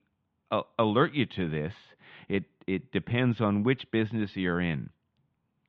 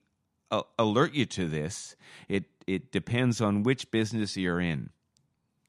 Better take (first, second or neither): second